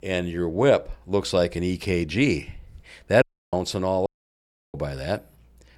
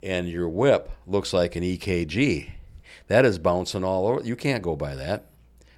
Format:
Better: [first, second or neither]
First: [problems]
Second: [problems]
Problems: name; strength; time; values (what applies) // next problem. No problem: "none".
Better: second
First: audio cutting out; at 3 s and at 4 s for 0.5 s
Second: none